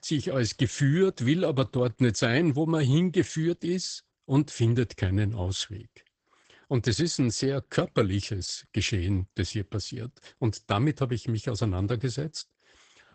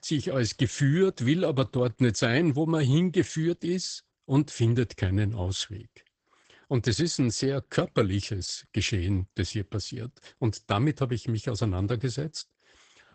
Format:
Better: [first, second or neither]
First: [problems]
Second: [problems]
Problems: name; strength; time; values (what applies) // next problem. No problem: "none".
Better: neither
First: garbled, watery; badly; nothing above 8 kHz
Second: garbled, watery; badly; nothing above 8 kHz